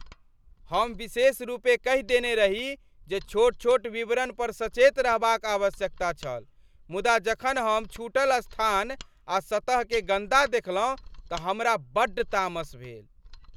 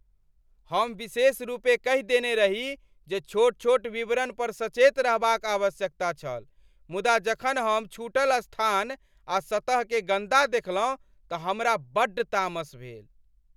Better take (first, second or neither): second